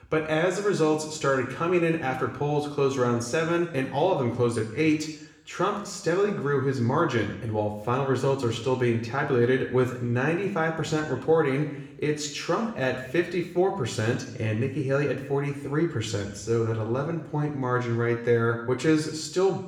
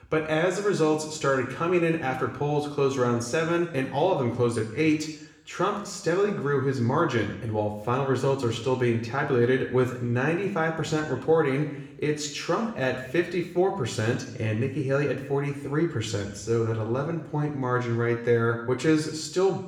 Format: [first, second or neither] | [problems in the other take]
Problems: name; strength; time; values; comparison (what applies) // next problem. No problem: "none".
neither | room echo; slight; dies away in 0.8 s; the same in both // off-mic speech; somewhat distant; the same in both